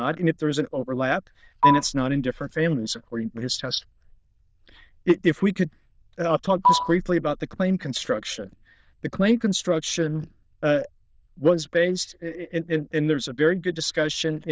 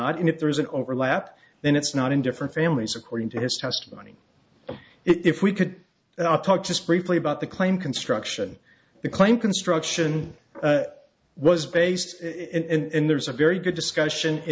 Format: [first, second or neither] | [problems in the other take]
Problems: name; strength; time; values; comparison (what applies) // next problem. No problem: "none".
second | noise reduction (neural diffusion model UNIVERSE++)